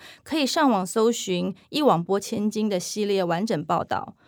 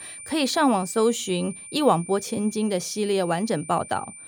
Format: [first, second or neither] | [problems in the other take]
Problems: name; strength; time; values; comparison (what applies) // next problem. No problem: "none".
first | high-pitched whine; noticeable; throughout; 9 kHz, 15 dB below the speech